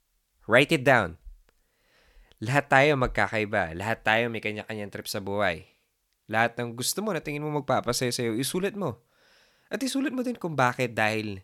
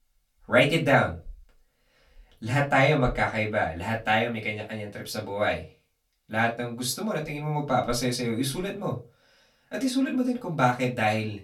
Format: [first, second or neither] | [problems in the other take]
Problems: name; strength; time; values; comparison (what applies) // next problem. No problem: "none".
first | off-mic speech; far // room echo; very slight; dies away in 0.2 s